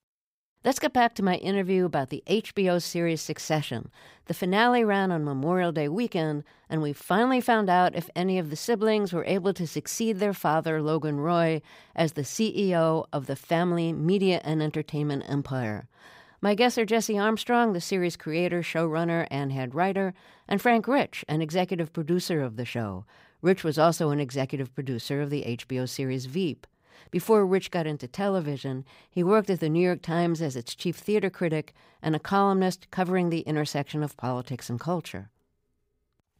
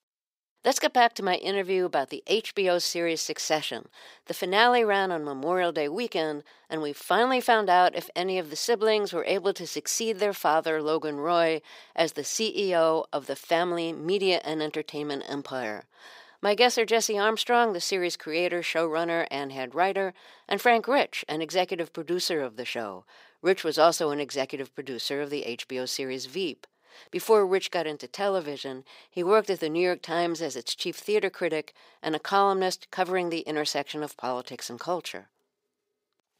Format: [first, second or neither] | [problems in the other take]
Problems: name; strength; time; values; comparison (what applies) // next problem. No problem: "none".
first | thin; somewhat; fading below 450 Hz